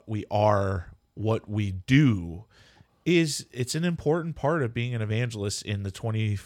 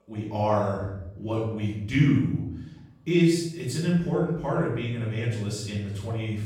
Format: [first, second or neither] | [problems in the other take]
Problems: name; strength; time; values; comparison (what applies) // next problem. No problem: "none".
first | off-mic speech; far // room echo; noticeable; dies away in 0.7 s